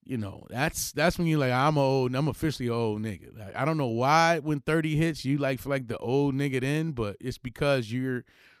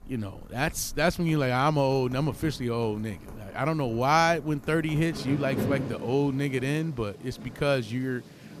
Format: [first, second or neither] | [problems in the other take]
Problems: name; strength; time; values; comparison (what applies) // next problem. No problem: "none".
first | rain or running water; noticeable; throughout; 15 dB below the speech